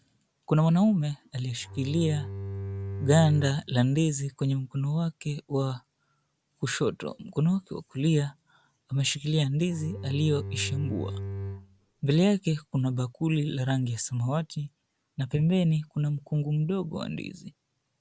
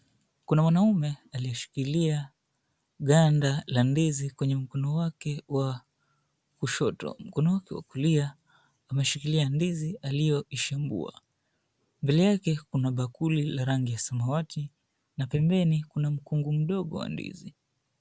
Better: second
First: background sound (Bowed string instrument); 8 dB below the speech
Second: none

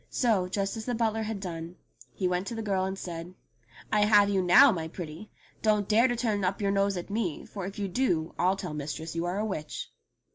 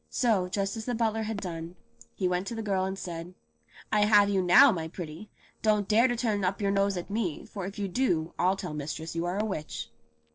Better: first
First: none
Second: noise reduction (neural separator model SepFormer DNS4)

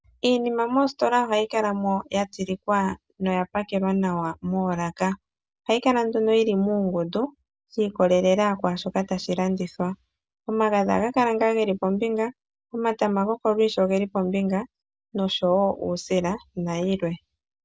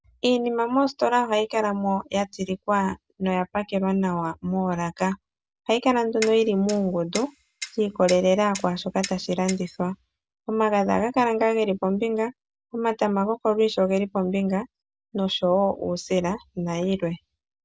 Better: first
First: none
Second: background sound (Clock); 14 dB below the speech

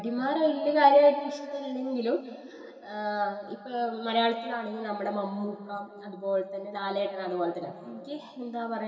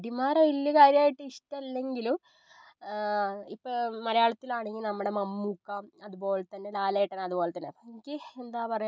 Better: second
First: room echo; dies away in 2.5 s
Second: none

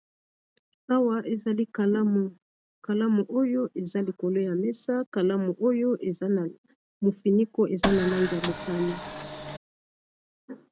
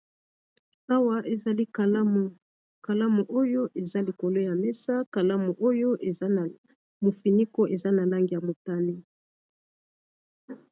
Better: second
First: background sound (Printer); 6 dB below the speech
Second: none

